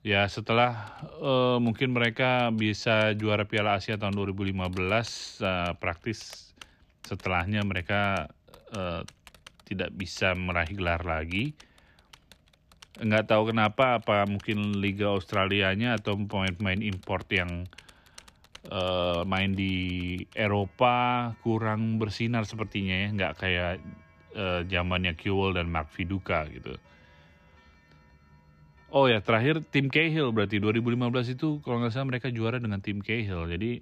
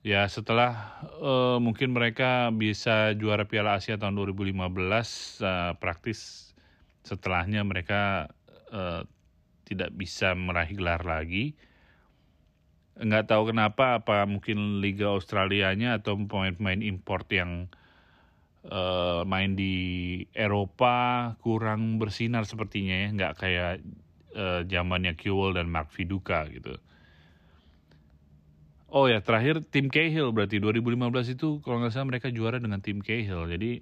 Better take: second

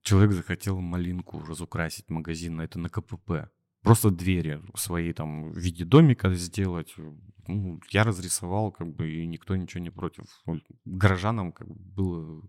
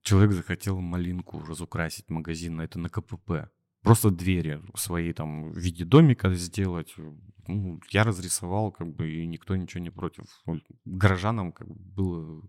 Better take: neither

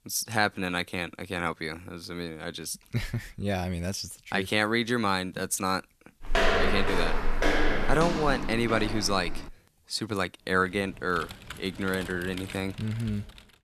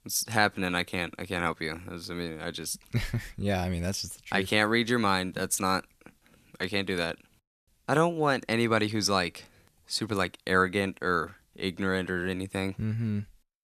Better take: second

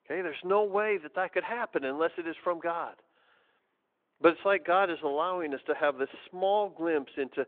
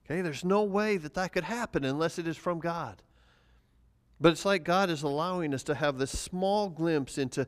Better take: second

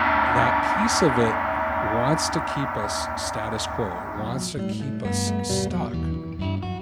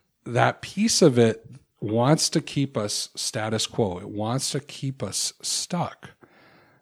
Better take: second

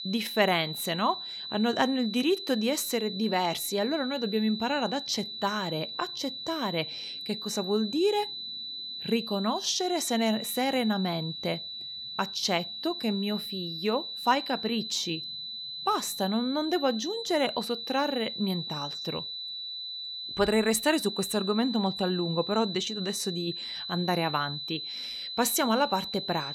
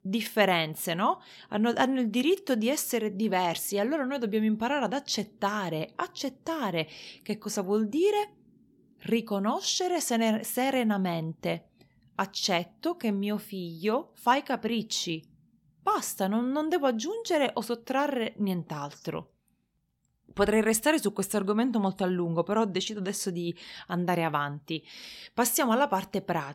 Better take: second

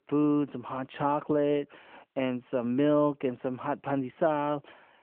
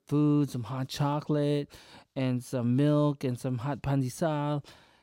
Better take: second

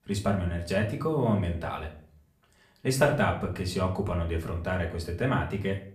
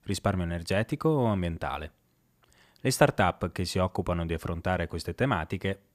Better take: second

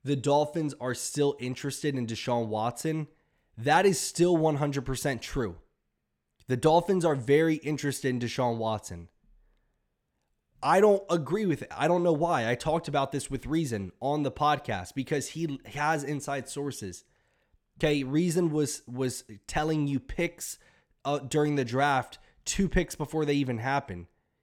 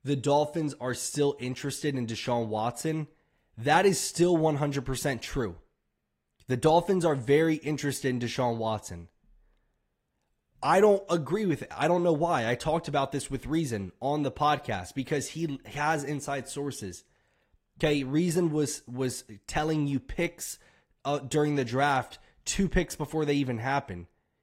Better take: first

